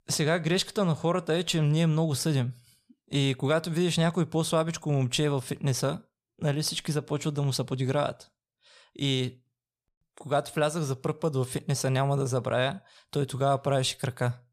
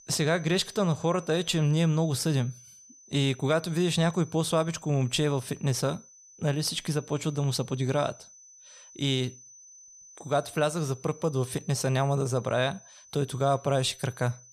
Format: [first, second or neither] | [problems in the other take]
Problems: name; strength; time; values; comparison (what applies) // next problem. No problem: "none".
first | high-pitched whine; faint; throughout; 6 kHz, 20 dB below the speech